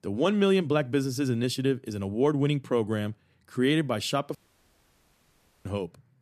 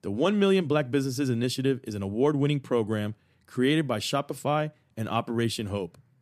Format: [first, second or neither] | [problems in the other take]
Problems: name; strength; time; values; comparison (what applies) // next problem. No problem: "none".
second | audio cutting out; at 4.5 s for 1.5 s